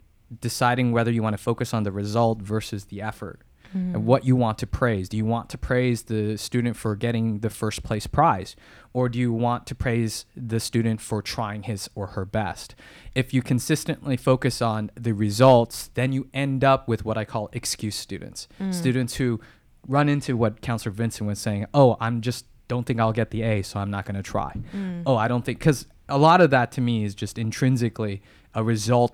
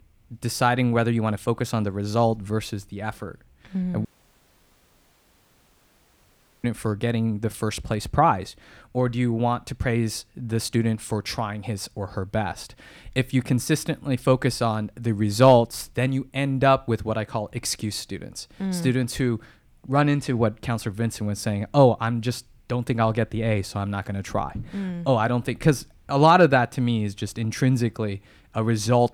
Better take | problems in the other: first | audio cutting out; at 4 s for 2.5 s

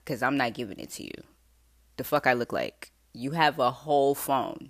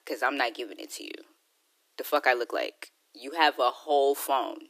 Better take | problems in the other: first | thin; somewhat; fading below 300 Hz

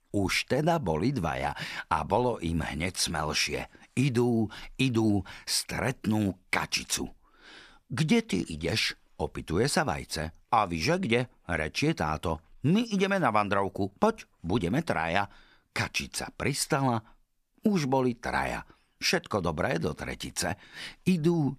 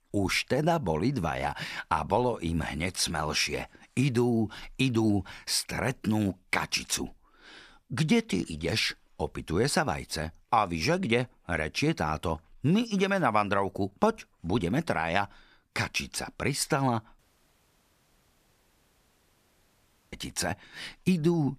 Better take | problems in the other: first | audio cutting out; at 17 s for 3 s

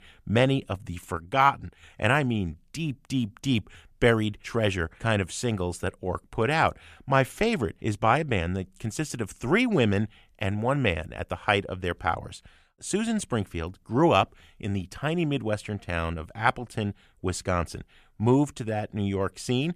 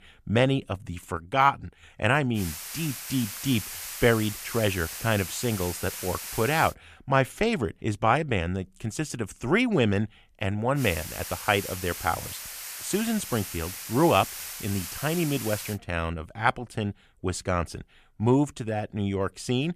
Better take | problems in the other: first | hiss; loud; from 2.5 to 6.5 s and from 11 to 16 s; 8 dB below the speech

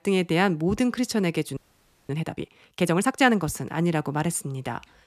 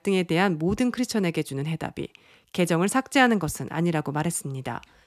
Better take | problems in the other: second | audio freezing; at 1.5 s for 0.5 s

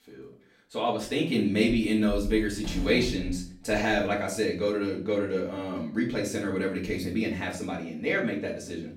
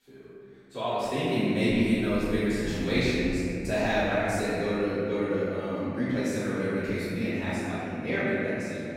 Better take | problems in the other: first | room echo; strong; dies away in 2.8 s; slight in the first // off-mic speech; far; far in the first

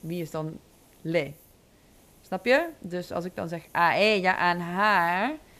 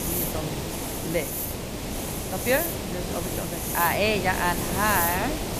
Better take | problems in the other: first | hiss; loud; throughout; 1 dB below the speech; faint in the first

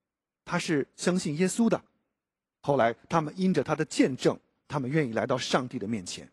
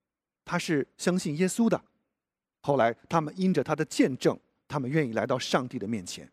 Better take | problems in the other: second | garbled, watery; slightly

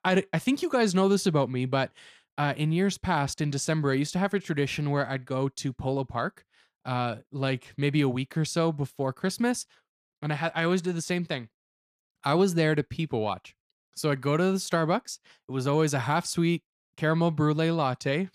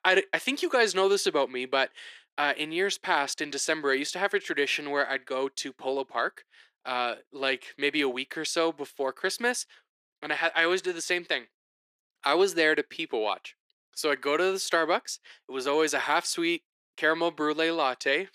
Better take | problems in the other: first | thin; very; fading below 350 Hz

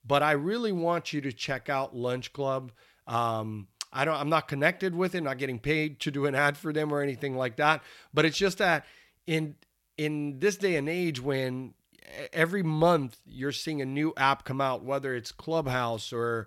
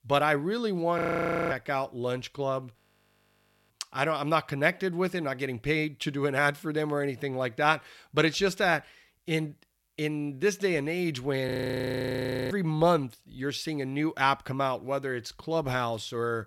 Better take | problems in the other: first | audio freezing; at 1 s for 0.5 s, at 3 s for 1 s and at 11 s for 1 s

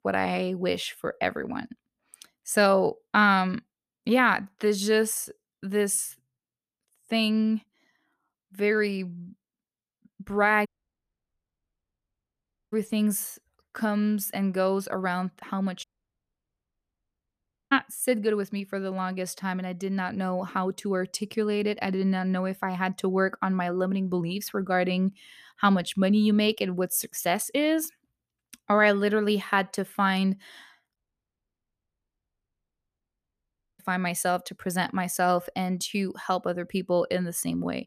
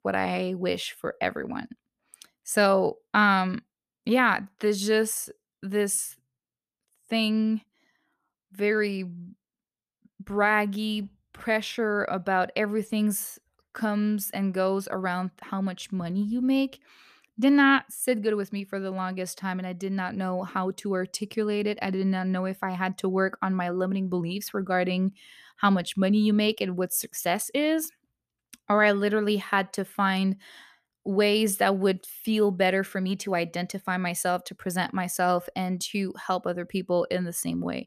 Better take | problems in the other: second | audio cutting out; at 11 s for 2 s, at 16 s for 2 s and at 31 s for 3 s

